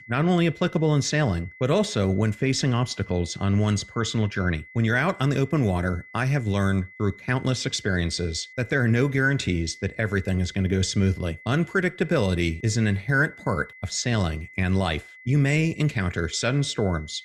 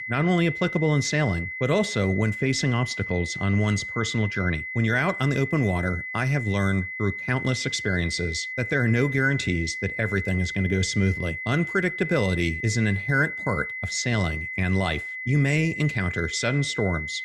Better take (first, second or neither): first